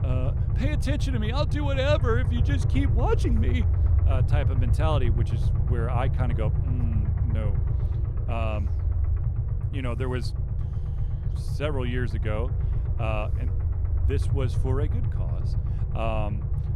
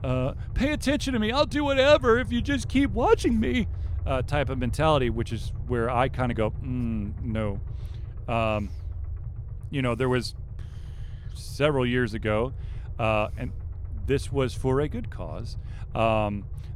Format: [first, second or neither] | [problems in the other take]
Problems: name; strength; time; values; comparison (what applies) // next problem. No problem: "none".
second | low rumble; loud; throughout; 8 dB below the speech; faint in the second